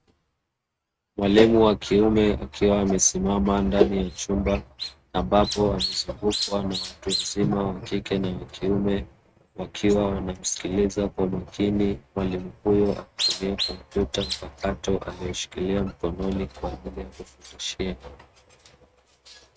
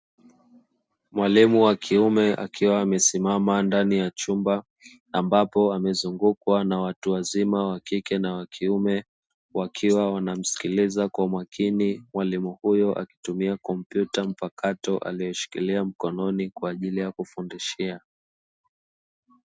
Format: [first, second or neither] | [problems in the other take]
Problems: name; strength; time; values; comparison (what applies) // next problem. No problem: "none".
second | noise reduction (neural mask model RNNoise)